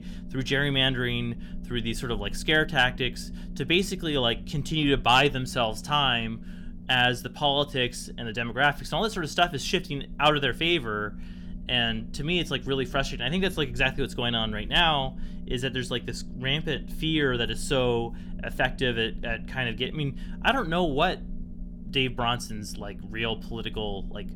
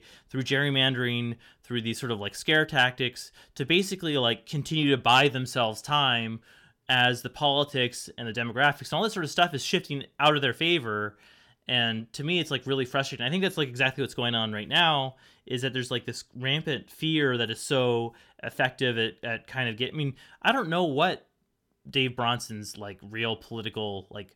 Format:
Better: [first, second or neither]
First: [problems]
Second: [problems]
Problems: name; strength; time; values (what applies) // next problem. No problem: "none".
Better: second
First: low rumble; faint; throughout; 25 dB below the speech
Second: none